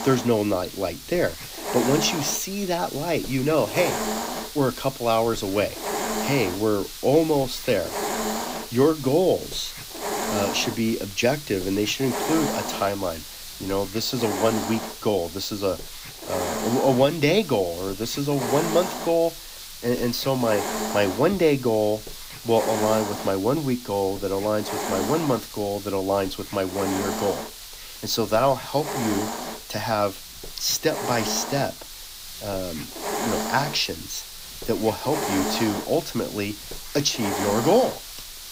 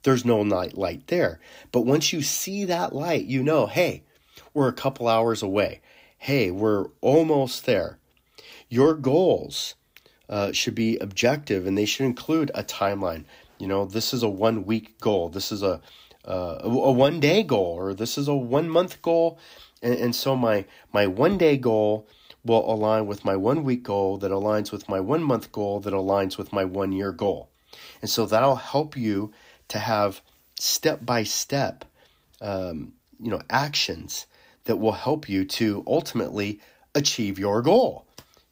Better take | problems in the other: second | hiss; loud; throughout; 7 dB below the speech

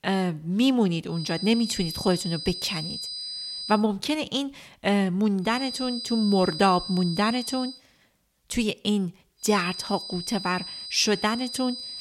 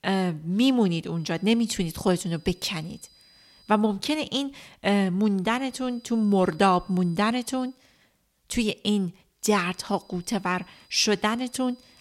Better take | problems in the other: second | high-pitched whine; loud; from 1 to 4 s, from 5.5 to 7.5 s and from 9.5 s on; 5 kHz, 8 dB below the speech; faint in the second

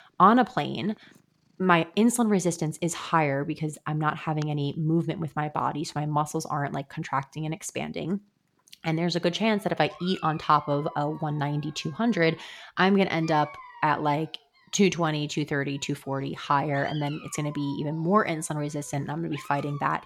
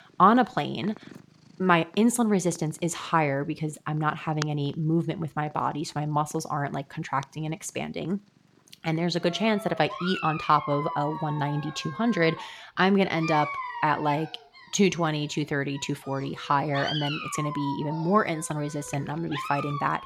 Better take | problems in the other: first | animal sounds; loud; throughout; 10 dB below the speech; faint in the first

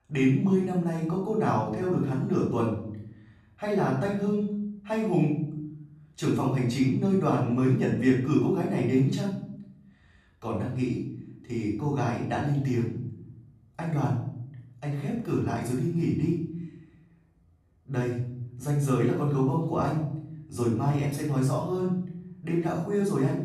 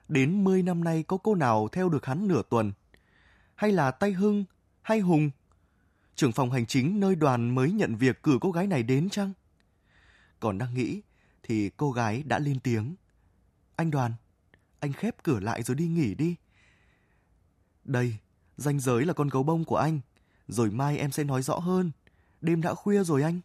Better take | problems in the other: second | off-mic speech; far // room echo; noticeable; dies away in 0.8 s

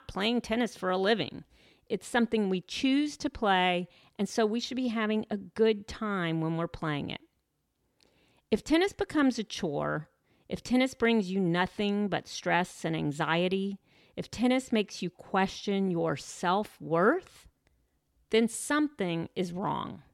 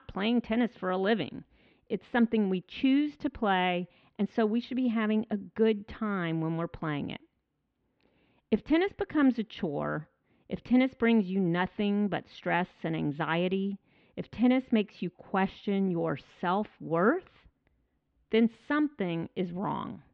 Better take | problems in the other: first | muffled; slightly; fading above 3 kHz

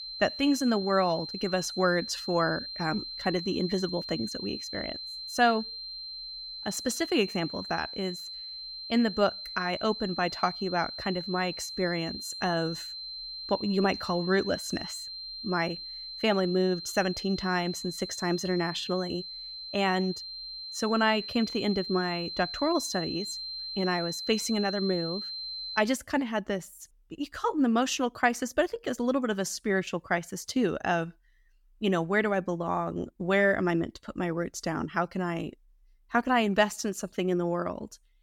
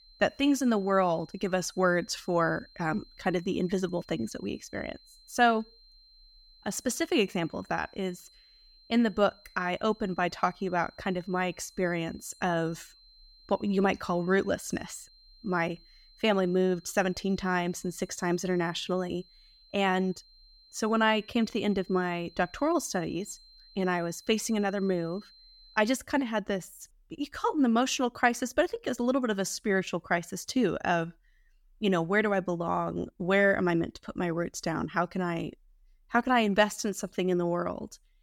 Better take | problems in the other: second | high-pitched whine; loud; until 26 s; 4 kHz, 7 dB below the speech; faint in the second

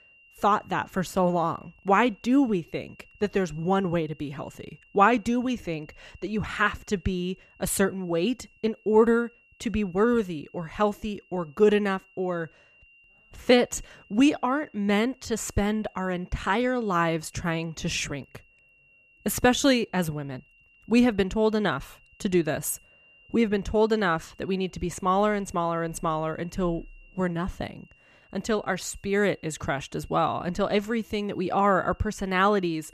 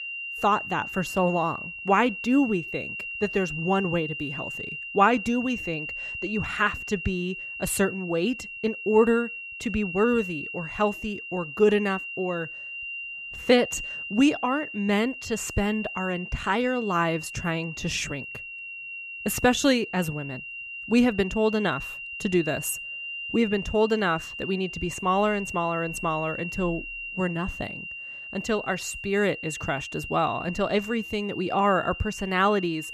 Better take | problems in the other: first | high-pitched whine; loud; throughout; 3 kHz, 8 dB below the speech; faint in the first

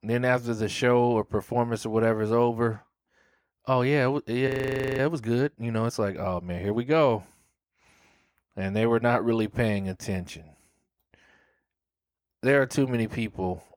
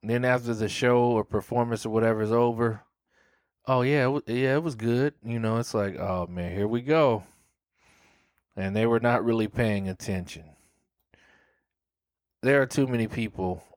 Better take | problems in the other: second | audio freezing; at 4.5 s for 0.5 s

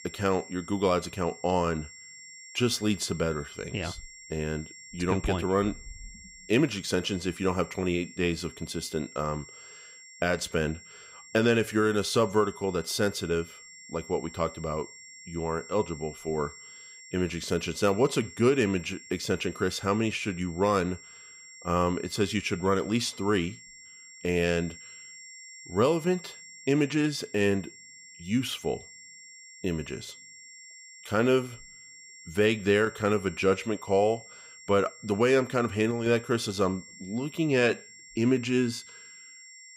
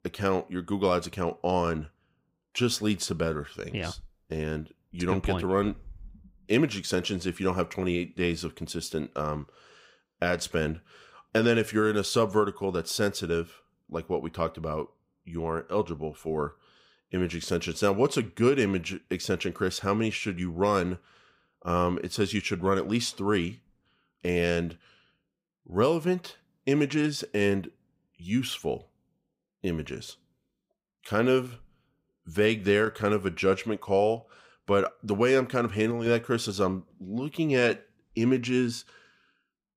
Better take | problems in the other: second | high-pitched whine; noticeable; throughout; 2 kHz, 20 dB below the speech

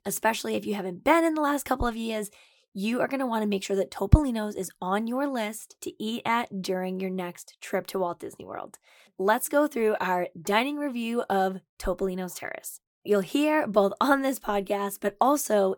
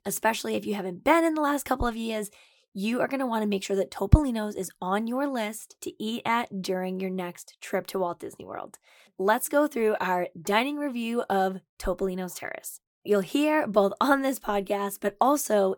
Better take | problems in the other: neither | none

